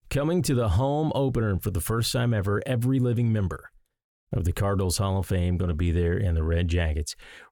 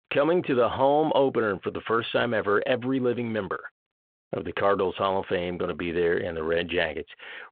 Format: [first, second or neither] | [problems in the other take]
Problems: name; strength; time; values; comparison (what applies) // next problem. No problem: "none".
first | phone-call audio